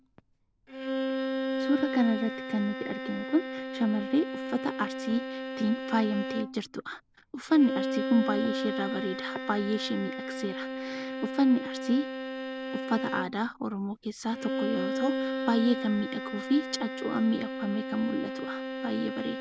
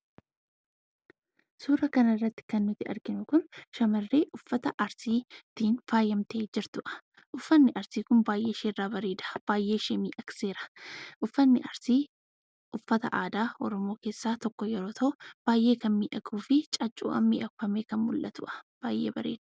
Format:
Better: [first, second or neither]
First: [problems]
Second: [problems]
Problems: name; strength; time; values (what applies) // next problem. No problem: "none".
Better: second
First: background sound (Bowed string instrument); 4 dB below the speech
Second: none